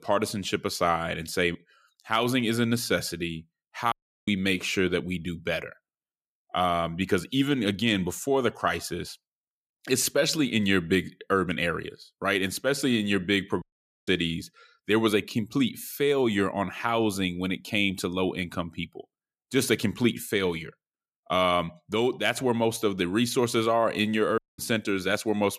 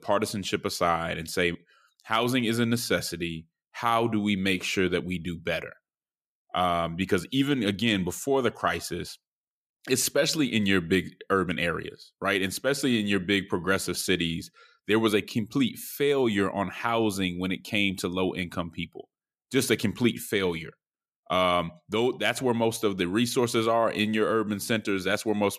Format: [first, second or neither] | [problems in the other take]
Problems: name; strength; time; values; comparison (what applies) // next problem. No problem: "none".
second | audio cutting out; at 4 s, at 14 s and at 24 s